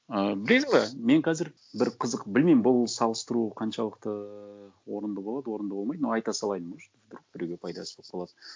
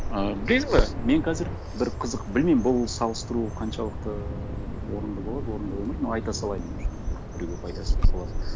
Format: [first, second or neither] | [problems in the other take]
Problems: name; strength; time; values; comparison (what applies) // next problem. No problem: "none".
first | background sound (Bird vocalization, bird call, bird song); as loud as the speech